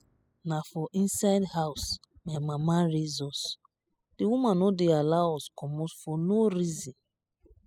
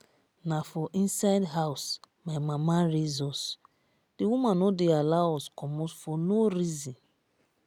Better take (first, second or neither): second